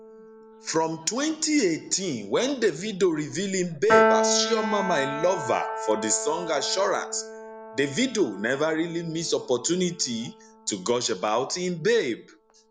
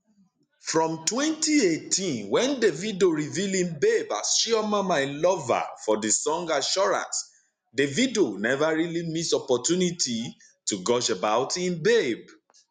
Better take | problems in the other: second | background sound (Piano); 5 dB below the speech

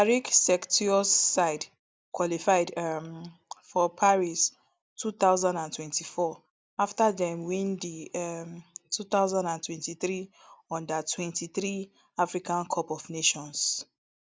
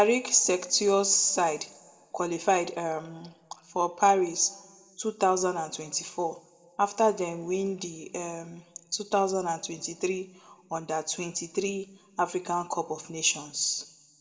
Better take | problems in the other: first | room echo; dies away in 1.2 s

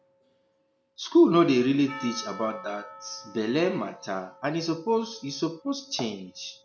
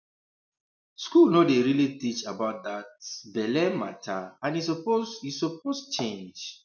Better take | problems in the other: second | background sound (Percussion); 20 dB below the speech

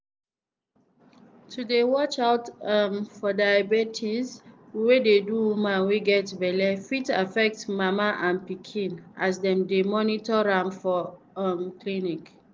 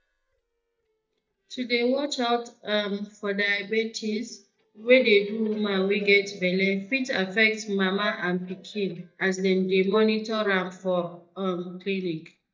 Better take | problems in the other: first | noise reduction (neural mask model DeepFilterNet 3)

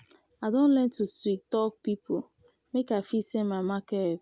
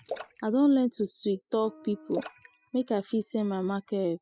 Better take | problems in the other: first | noise reduction (classical method spectral subtraction)

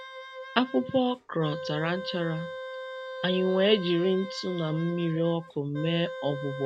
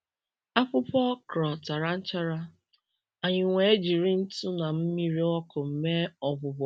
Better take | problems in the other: second | background sound (Wind instrument, woodwind instrument); 11 dB below the speech

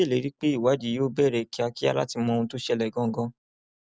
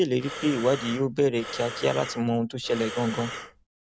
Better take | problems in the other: first | background sound (Breathing); 11 dB below the speech

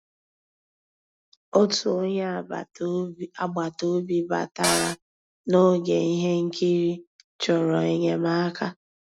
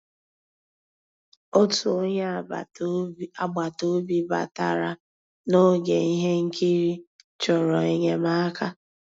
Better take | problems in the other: second | background sound (Cupboard open or close); 1 dB below the speech

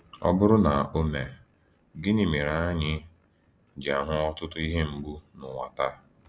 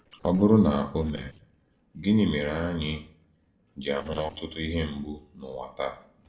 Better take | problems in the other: first | noise reduction (neural separator model SepFormer DNS4)

